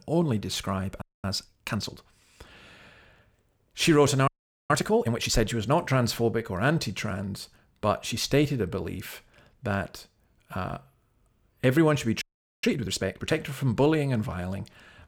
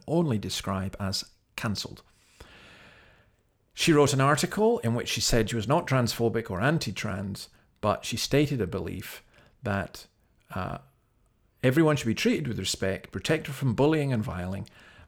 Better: second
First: audio freezing; at 1 s, at 4.5 s and at 12 s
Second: none

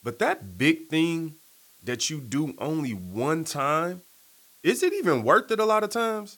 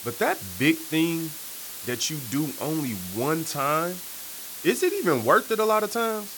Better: first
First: hiss; faint; throughout; 30 dB below the speech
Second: hiss; loud; throughout; 9 dB below the speech

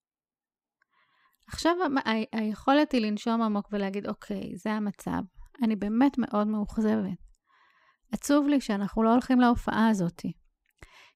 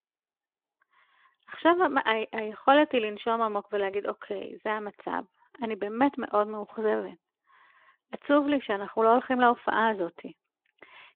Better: first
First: none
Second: phone-call audio

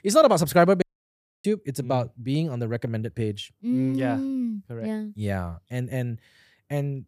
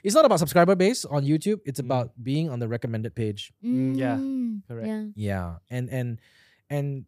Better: second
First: audio cutting out; at 1 s for 0.5 s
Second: none

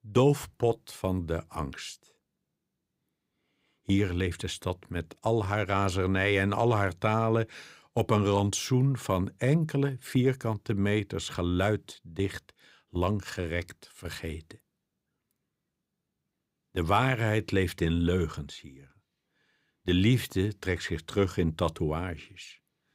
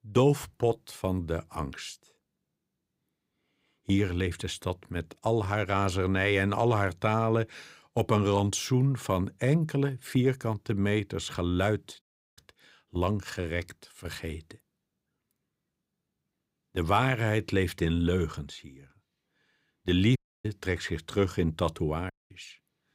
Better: first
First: none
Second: audio cutting out; at 12 s, at 20 s and at 22 s

